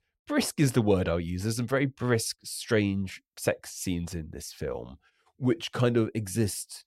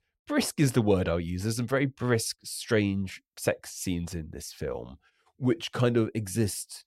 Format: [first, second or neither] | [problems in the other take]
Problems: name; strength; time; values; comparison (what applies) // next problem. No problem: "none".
neither | none